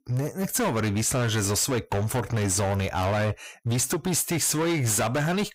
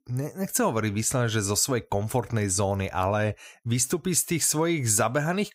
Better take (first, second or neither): second